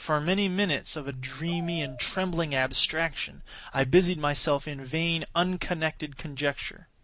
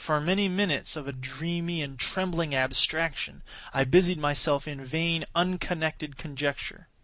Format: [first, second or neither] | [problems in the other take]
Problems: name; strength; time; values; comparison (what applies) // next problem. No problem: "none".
second | background sound (Dog); 19 dB below the speech